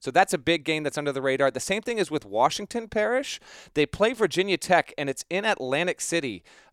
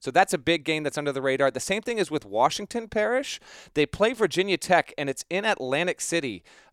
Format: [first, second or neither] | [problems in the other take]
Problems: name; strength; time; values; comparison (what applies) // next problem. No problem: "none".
neither | none